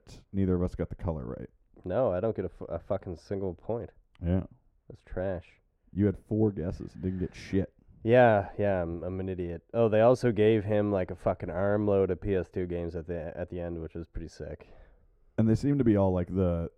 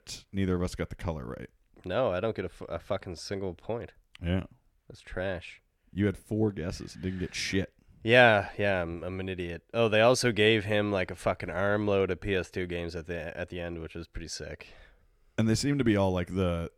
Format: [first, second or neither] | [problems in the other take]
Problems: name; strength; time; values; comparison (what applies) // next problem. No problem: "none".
second | muffled; very; fading above 1.5 kHz